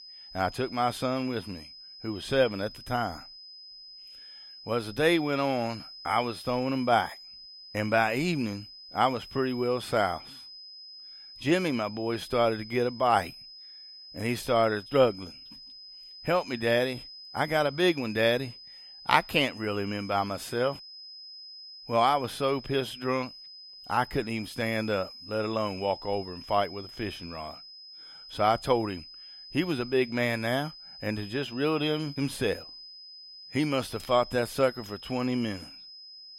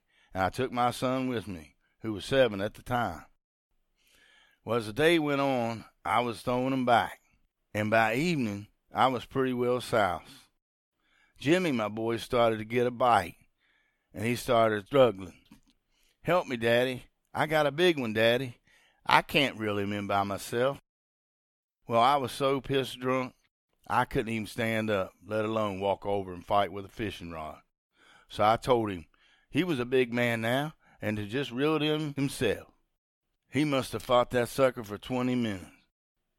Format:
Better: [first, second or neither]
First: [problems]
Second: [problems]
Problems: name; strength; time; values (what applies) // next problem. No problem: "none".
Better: second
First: high-pitched whine; noticeable; throughout; 5 kHz, 15 dB below the speech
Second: none